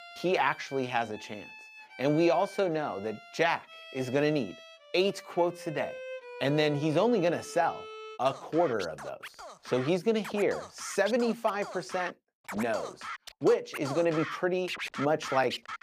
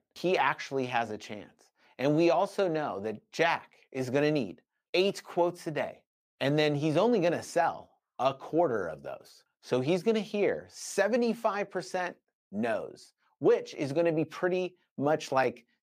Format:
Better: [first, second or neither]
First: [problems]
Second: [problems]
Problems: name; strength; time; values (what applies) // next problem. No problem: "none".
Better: second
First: background music; noticeable; throughout; 15 dB below the speech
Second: none